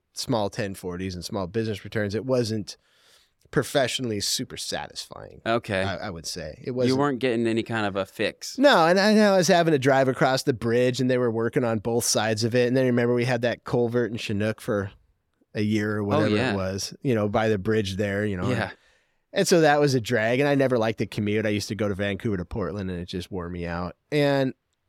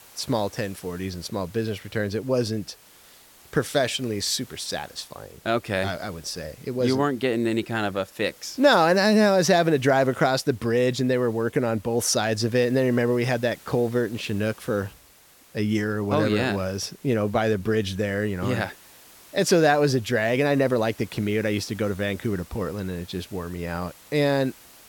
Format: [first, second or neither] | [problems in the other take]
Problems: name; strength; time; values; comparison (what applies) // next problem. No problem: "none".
first | hiss; faint; throughout; 25 dB below the speech